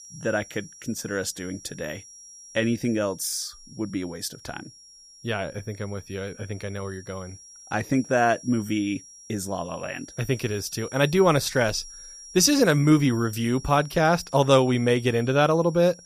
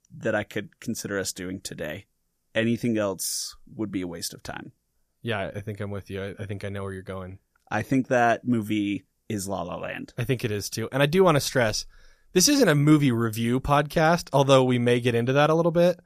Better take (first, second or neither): second